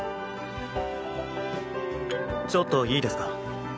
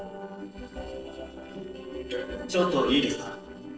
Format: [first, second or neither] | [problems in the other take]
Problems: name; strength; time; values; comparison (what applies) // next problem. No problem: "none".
first | noise reduction (neural separator model SepFormer DNS4)